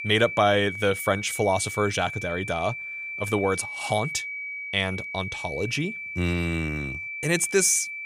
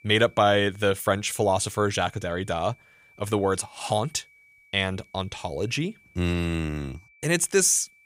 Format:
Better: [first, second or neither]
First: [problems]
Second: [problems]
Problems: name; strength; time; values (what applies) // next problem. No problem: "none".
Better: second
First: high-pitched whine; loud; throughout; 2.5 kHz, 7 dB below the speech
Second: high-pitched whine; faint; throughout; 2.5 kHz, 30 dB below the speech